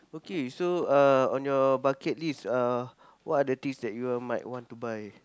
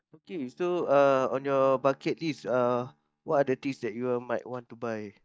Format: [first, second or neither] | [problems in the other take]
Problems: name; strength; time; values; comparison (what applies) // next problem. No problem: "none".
first | noise reduction (neural mask model DeepFilterNet 3)